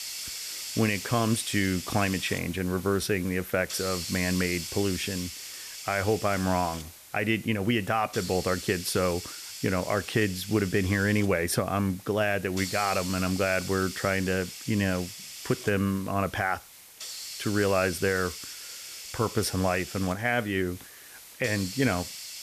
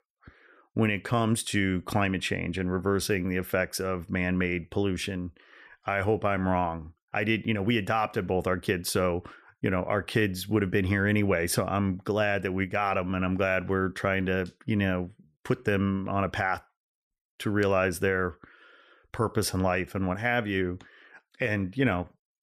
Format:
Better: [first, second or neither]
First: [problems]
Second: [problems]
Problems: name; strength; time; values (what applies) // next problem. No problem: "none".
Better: second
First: hiss; loud; throughout; 10 dB below the speech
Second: none